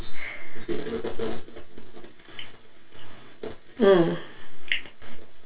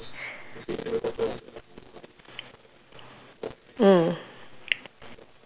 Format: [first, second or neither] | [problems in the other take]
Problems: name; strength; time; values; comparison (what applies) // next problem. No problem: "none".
second | room echo; dies away in 0.2 s